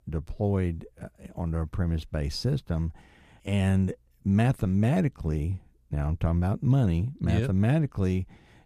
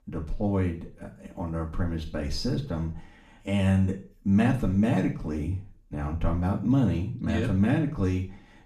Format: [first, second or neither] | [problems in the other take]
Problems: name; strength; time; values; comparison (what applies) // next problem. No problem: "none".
first | room echo; slight; dies away in 0.4 s // off-mic speech; far